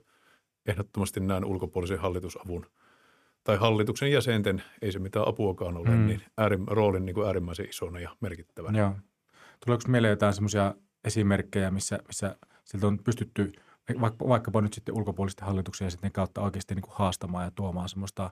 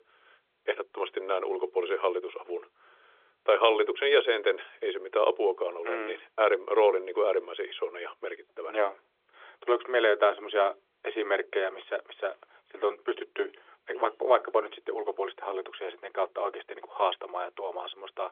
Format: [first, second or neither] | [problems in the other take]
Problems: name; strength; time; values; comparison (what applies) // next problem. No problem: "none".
first | phone-call audio; nothing above 3.5 kHz